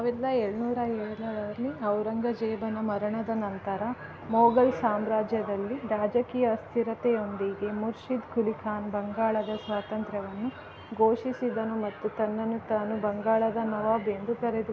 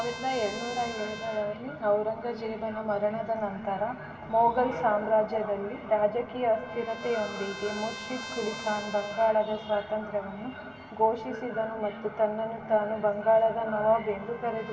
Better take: first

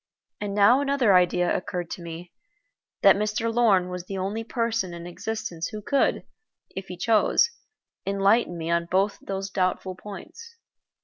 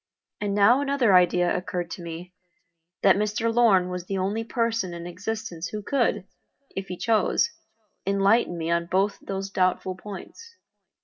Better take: first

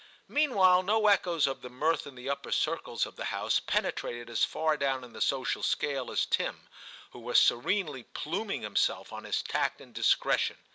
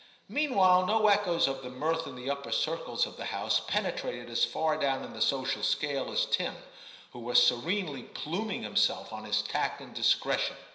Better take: first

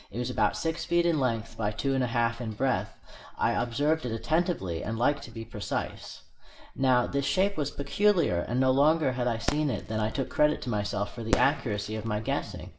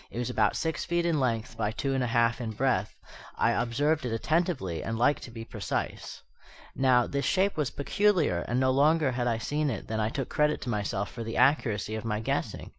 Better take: second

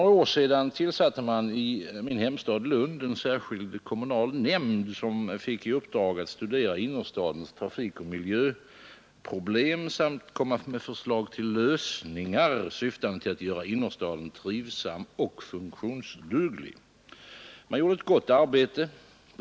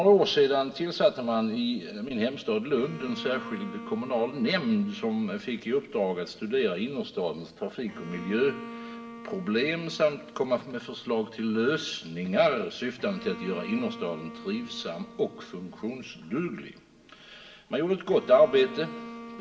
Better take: first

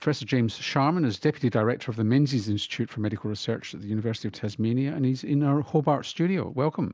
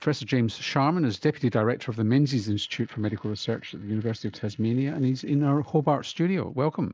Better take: first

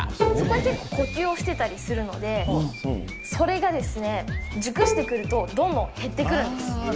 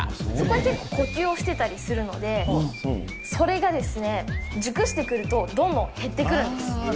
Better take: second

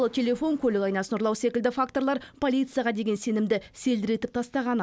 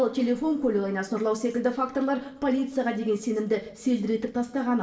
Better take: first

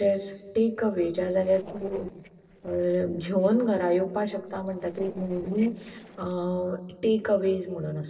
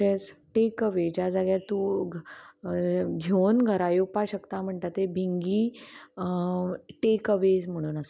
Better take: second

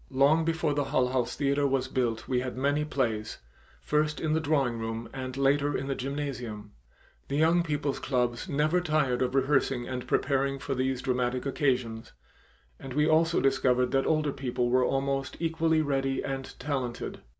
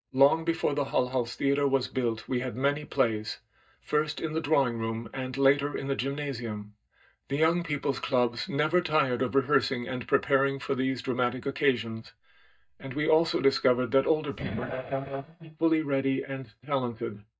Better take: first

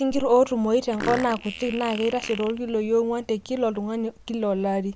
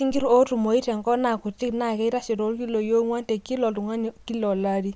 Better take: second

